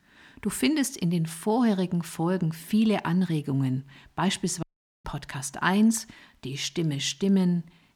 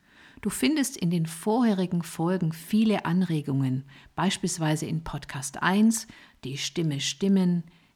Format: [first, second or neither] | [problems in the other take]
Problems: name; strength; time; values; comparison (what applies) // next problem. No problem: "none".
second | audio cutting out; at 4.5 s